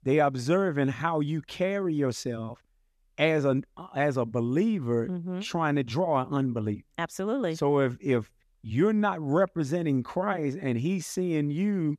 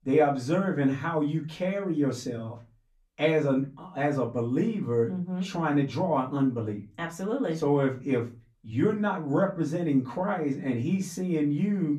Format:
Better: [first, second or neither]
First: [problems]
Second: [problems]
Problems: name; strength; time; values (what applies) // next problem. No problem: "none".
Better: first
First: none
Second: off-mic speech; far // room echo; very slight; dies away in 0.2 s